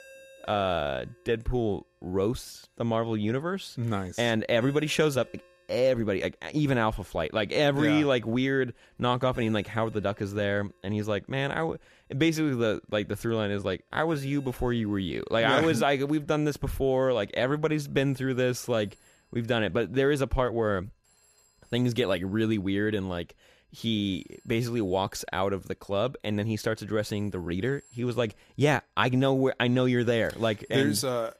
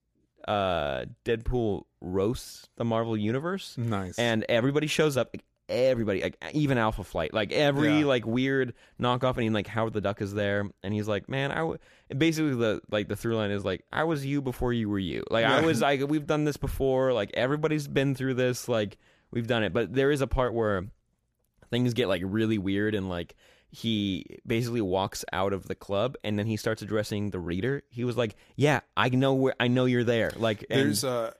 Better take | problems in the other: second | alarms or sirens; faint; throughout; 30 dB below the speech

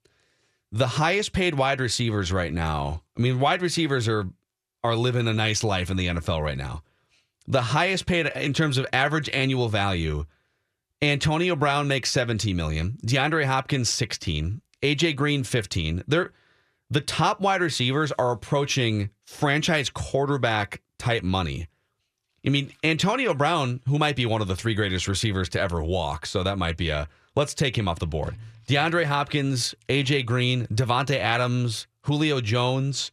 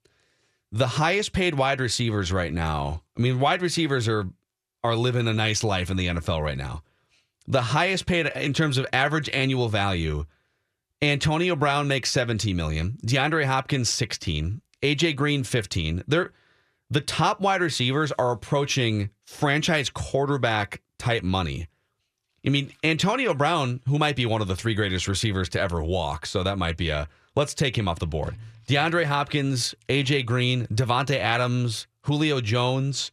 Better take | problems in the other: neither | none

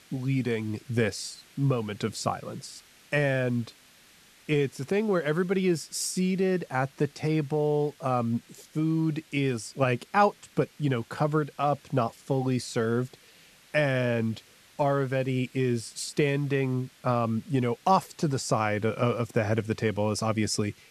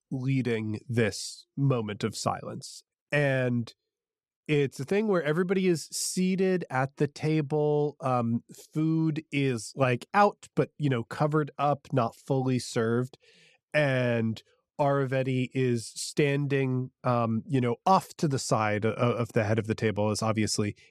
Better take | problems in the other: second | hiss; faint; throughout; 25 dB below the speech

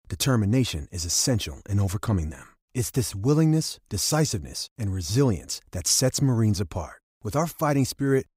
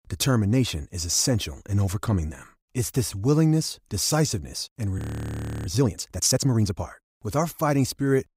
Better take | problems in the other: first | audio freezing; at 5 s for 0.5 s

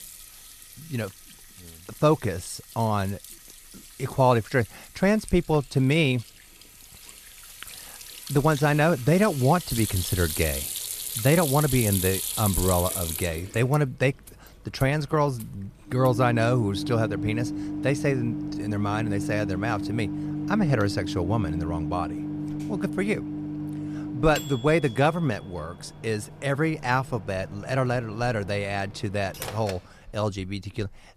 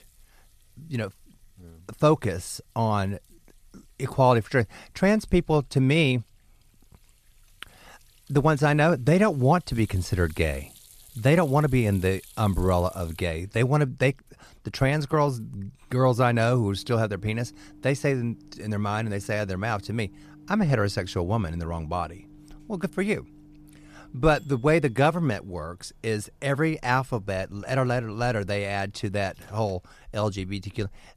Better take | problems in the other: second | household noises; loud; throughout; 7 dB below the speech; faint in the second

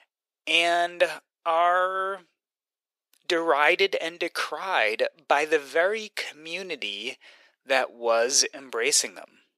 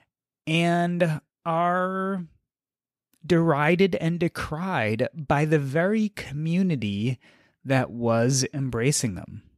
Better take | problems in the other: second | thin; very; fading below 450 Hz

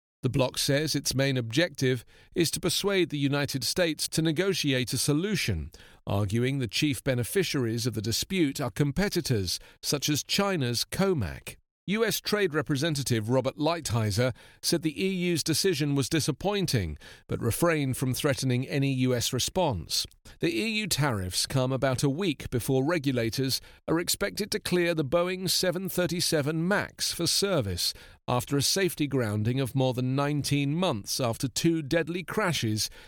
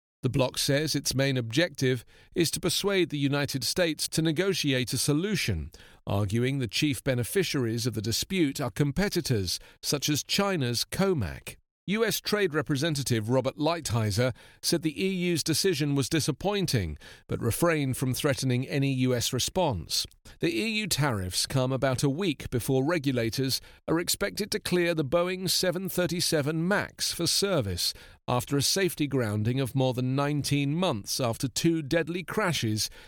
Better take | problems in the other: neither | none

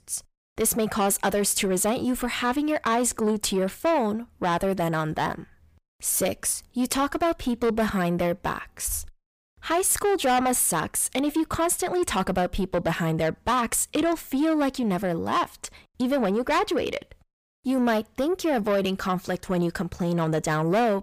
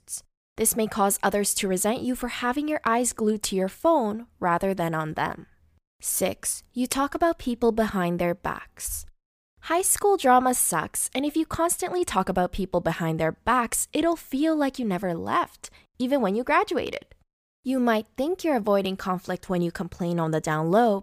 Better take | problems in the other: second | distortion; slight; 10 dB below the speech

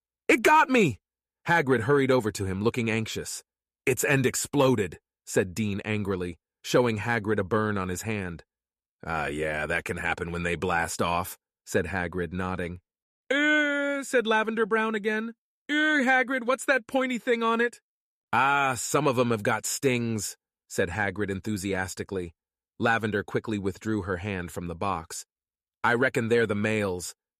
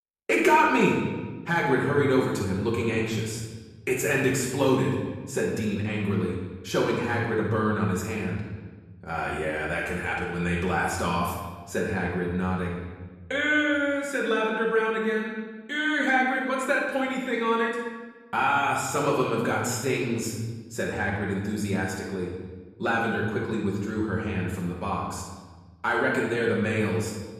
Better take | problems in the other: first | off-mic speech; far // room echo; noticeable; dies away in 1.3 s

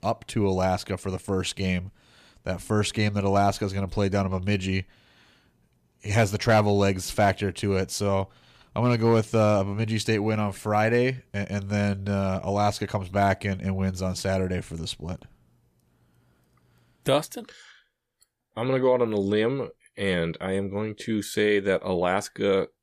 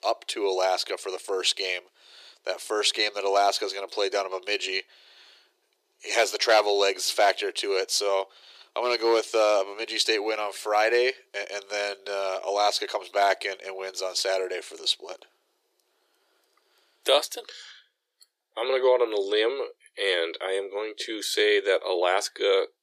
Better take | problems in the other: first | thin; very; fading below 350 Hz

